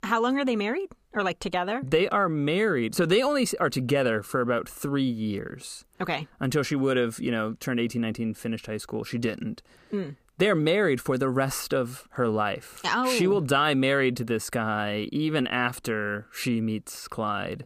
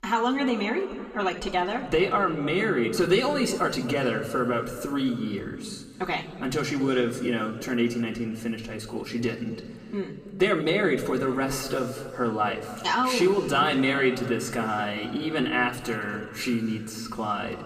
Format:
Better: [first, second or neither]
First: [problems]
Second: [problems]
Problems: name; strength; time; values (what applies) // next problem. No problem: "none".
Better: first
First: none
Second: room echo; slight; dies away in 2.3 s // off-mic speech; somewhat distant